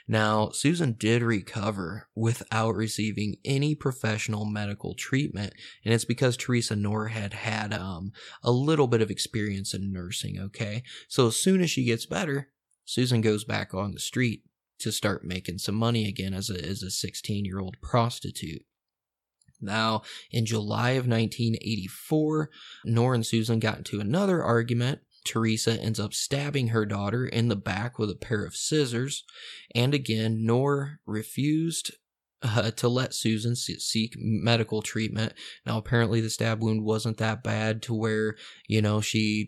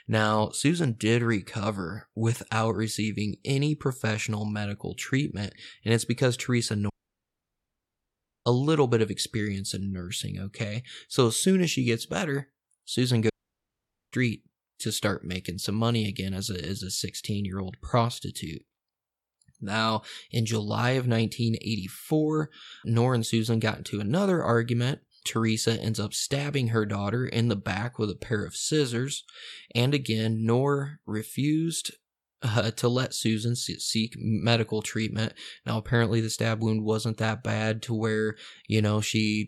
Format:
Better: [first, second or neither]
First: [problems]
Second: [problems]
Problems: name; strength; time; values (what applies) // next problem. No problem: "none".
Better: first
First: none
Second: audio cutting out; at 7 s for 1.5 s and at 13 s for 1 s